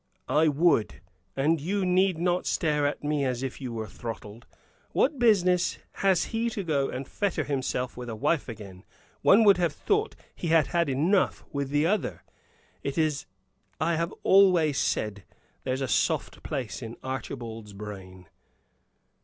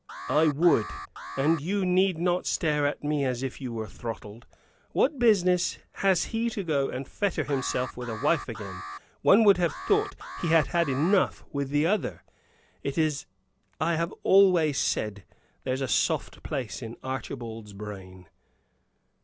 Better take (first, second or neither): first